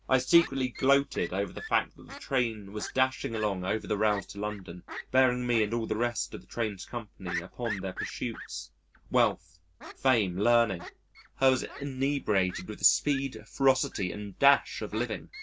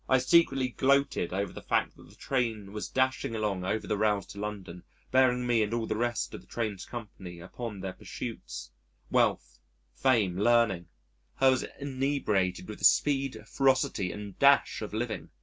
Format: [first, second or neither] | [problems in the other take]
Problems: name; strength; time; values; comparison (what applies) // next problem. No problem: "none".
second | background sound (Fowl); 16 dB below the speech